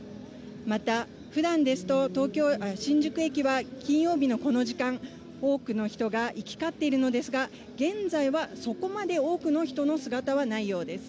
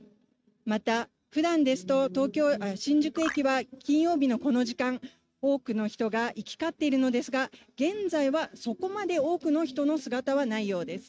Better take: first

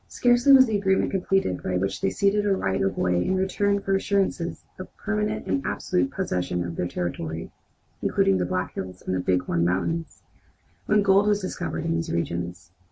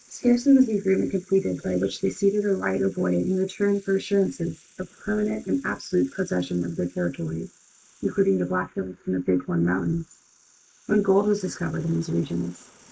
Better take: first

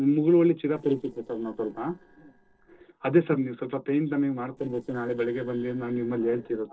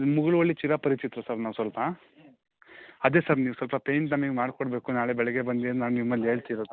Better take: second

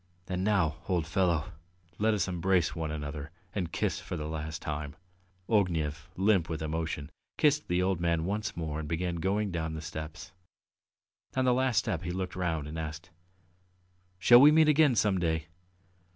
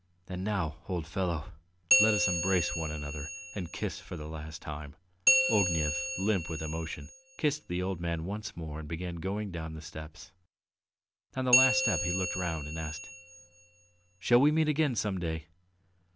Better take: first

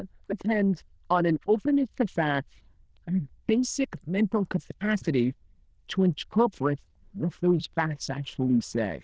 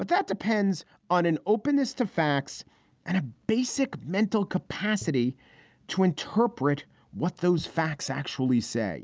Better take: second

